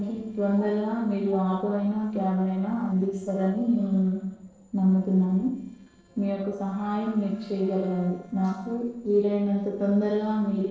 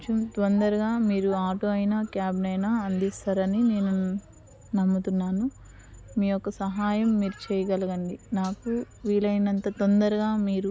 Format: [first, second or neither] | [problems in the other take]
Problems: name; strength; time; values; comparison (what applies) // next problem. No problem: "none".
second | noise reduction (neural separator model SepFormer DNS4)